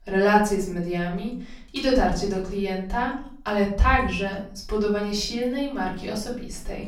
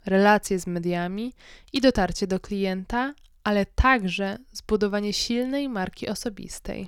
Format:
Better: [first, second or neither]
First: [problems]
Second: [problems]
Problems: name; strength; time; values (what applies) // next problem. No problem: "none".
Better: second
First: room echo; slight; dies away in 0.5 s // off-mic speech; far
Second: none